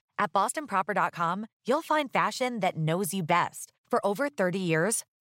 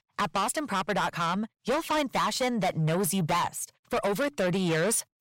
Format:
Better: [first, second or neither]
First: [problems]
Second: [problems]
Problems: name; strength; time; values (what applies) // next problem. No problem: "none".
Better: first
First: none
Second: distortion; heavy; 5 dB below the speech